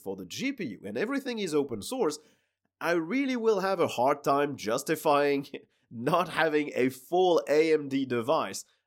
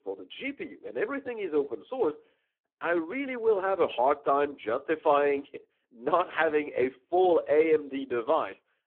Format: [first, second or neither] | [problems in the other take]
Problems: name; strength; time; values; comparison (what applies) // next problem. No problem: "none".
first | phone-call audio; poor line